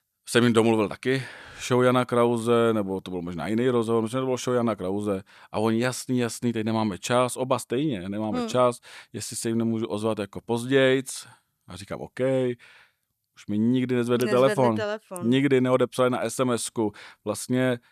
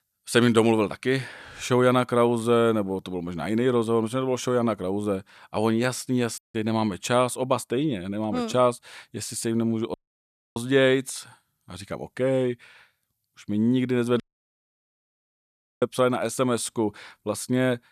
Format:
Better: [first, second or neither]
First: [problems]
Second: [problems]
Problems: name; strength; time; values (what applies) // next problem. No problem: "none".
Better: first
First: none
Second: audio cutting out; at 6.5 s, at 10 s for 0.5 s and at 14 s for 1.5 s